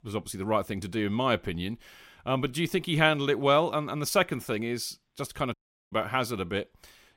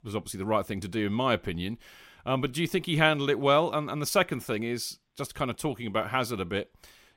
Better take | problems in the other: second | audio cutting out; at 5.5 s

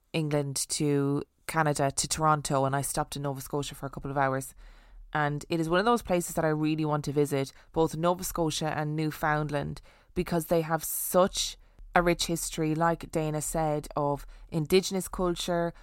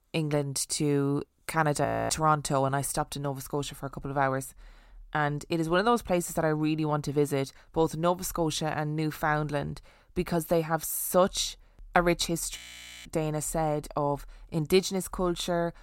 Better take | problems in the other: first | audio freezing; at 2 s and at 13 s

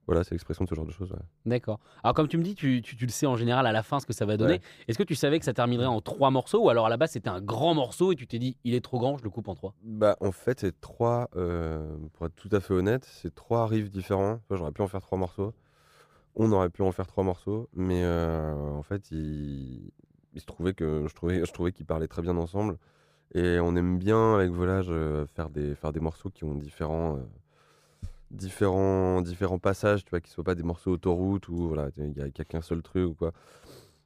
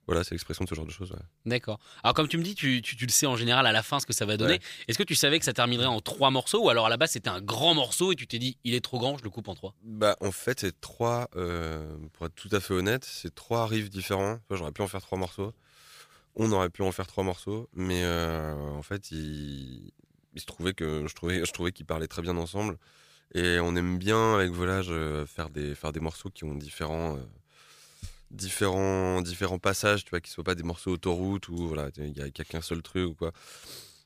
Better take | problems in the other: second | muffled; slightly; fading above 1.5 kHz

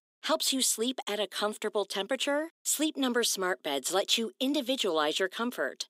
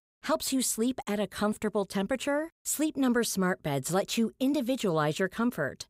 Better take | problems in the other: second | thin; very slightly; fading below 250 Hz

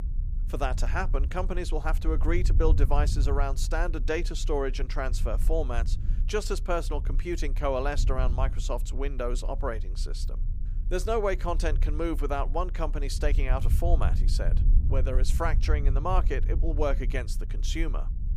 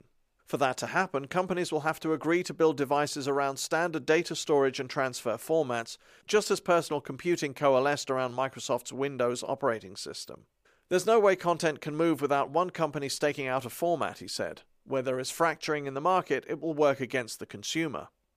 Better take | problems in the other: second | low rumble; noticeable; throughout; 15 dB below the speech

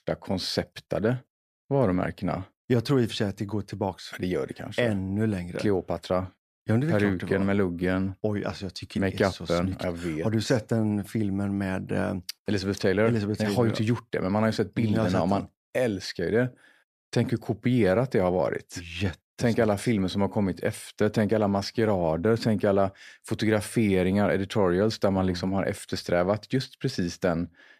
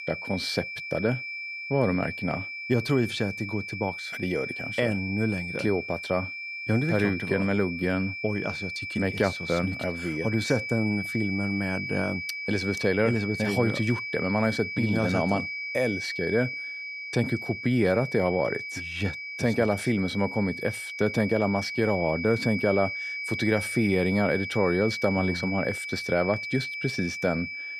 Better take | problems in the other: first | high-pitched whine; loud; throughout; 2.5 kHz, 5 dB below the speech

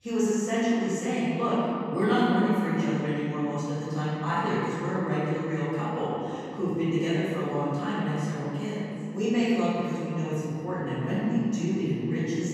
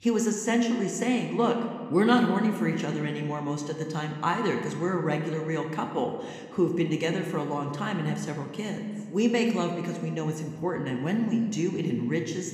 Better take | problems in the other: second | room echo; strong; dies away in 2.6 s; slight in the second // off-mic speech; far

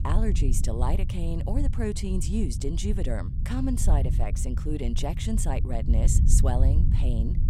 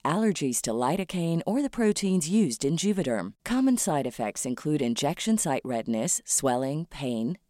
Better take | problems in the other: second | low rumble; loud; throughout; 8 dB below the speech

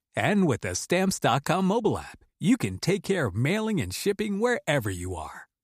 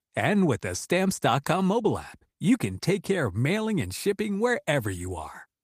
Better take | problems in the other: first | garbled, watery; slightly; nothing above 15 kHz

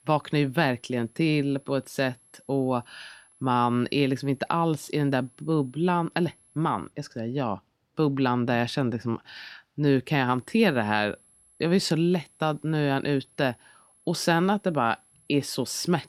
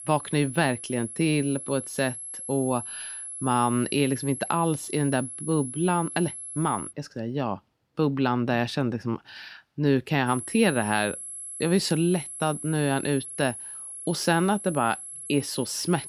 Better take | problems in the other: first | high-pitched whine; loud; until 7 s and from 10 s on; 11 kHz, 9 dB below the speech; faint in the first

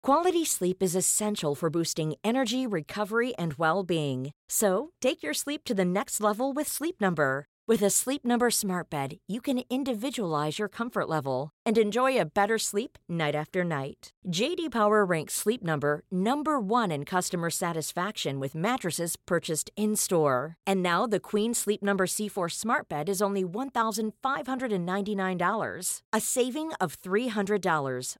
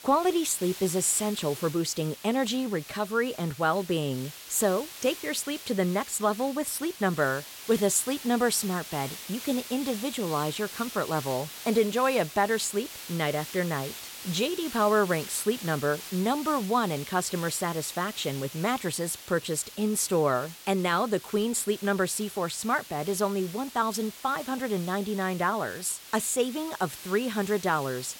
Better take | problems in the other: first | hiss; noticeable; throughout; 10 dB below the speech

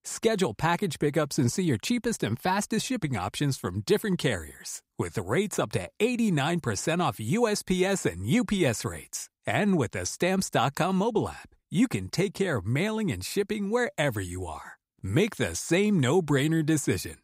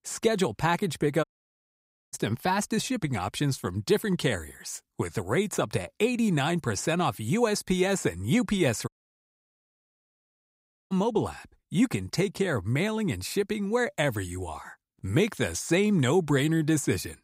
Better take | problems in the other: first | audio cutting out; at 1 s for 1 s and at 9 s for 2 s

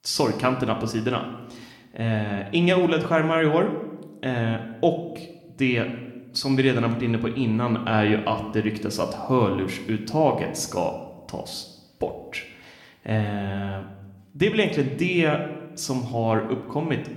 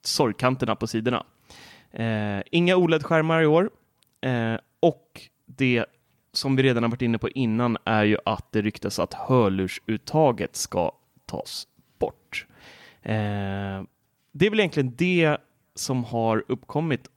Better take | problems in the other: second | room echo; slight; dies away in 0.8 s

